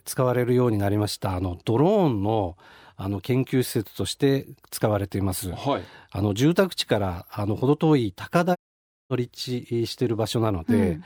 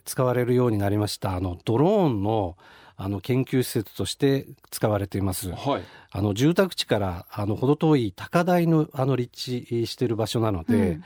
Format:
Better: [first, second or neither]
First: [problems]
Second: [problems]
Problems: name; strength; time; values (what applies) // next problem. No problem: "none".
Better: second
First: audio cutting out; at 8.5 s for 0.5 s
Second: none